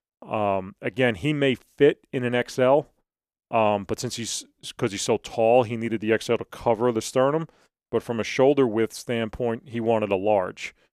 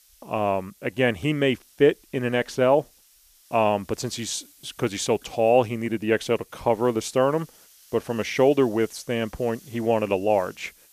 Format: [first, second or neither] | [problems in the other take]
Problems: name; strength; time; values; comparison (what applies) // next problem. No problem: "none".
first | hiss; faint; throughout; 25 dB below the speech